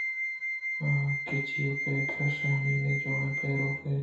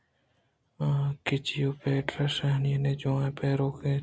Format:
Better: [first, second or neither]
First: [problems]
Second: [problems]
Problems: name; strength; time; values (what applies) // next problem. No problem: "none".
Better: second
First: background sound (Wind instrument, woodwind instrument); 2 dB below the speech // room echo; dies away in 0.6 s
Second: none